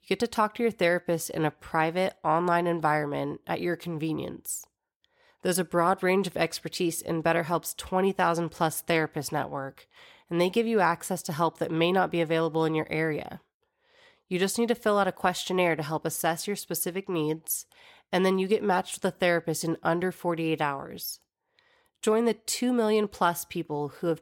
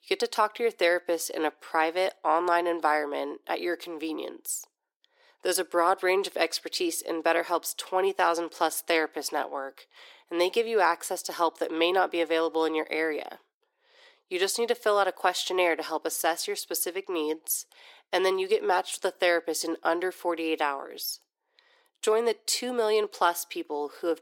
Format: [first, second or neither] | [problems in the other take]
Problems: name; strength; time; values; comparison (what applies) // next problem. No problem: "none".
first | thin; very; fading below 300 Hz